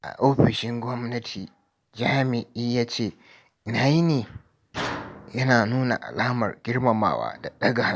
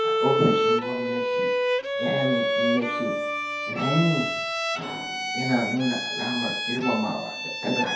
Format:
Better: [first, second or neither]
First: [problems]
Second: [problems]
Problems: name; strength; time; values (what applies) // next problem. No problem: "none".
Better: first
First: none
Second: background sound (Bowed string instrument); 2 dB above the speech // room echo; dies away in 0.5 s